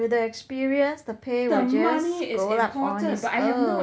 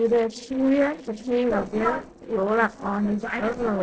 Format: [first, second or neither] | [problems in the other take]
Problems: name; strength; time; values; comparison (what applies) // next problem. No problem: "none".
first | noise reduction (neural separator model SepFormer DNS4)